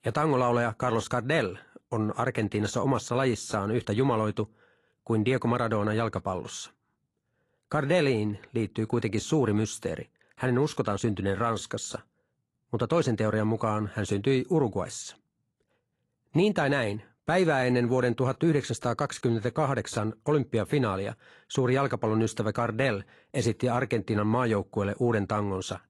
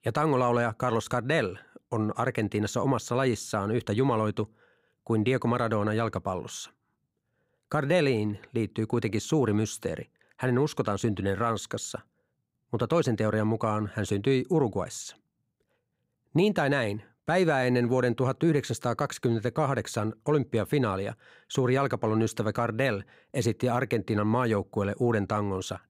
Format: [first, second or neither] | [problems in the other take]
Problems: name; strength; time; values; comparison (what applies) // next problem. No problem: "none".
second | garbled, watery; slightly; nothing above 11 kHz